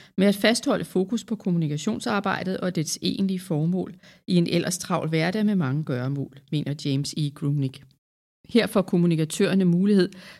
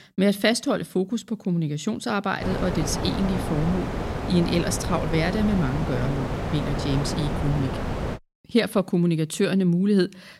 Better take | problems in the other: first | wind noise on the microphone; heavy; from 2.5 to 8 s; 4 dB below the speech

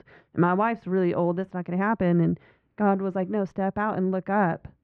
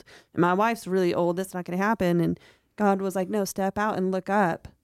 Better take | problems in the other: second | muffled; very; fading above 2.5 kHz

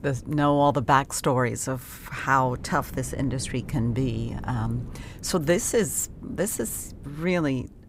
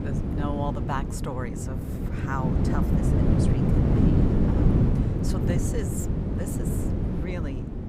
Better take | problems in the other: first | wind noise on the microphone; heavy; 3 dB above the speech; occasional gusts in the first

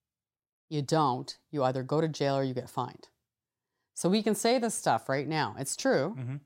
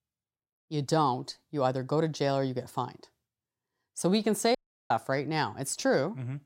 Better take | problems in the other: first | audio cutting out; at 4.5 s

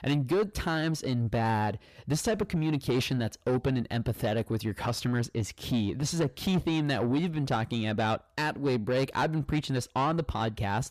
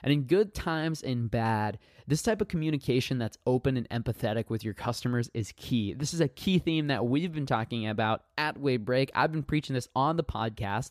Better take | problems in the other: second | distortion; slight; 10 dB below the speech

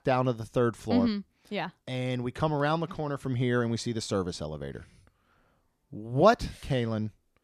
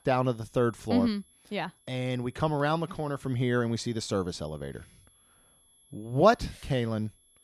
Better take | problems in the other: first | high-pitched whine; faint; throughout; 11 kHz, 30 dB below the speech

